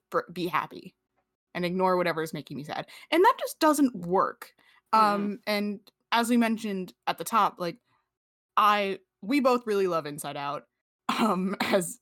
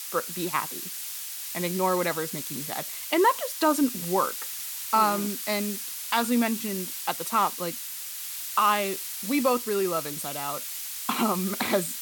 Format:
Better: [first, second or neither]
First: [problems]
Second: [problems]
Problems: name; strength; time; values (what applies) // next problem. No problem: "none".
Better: first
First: none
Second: hiss; loud; throughout; 5 dB below the speech